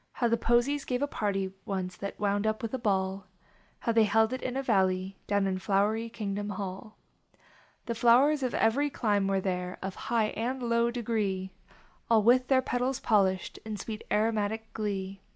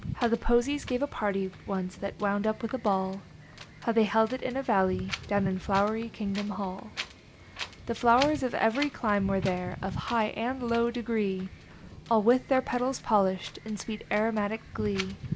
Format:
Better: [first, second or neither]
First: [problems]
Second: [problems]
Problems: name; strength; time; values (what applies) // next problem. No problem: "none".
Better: first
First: none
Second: background sound (Wind); 13 dB below the speech